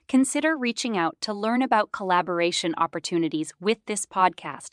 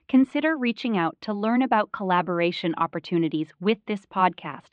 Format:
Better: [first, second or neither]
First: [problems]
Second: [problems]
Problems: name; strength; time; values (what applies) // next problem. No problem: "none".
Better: first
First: none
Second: muffled; slightly; fading above 3 kHz